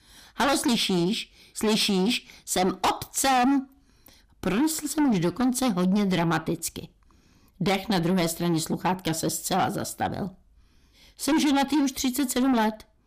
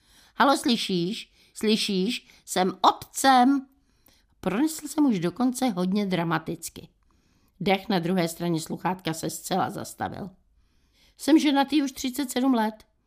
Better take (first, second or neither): second